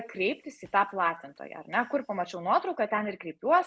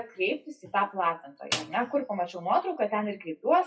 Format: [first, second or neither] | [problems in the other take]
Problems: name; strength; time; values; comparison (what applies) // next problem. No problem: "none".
first | noise reduction (classical method WPE with log-MMSE)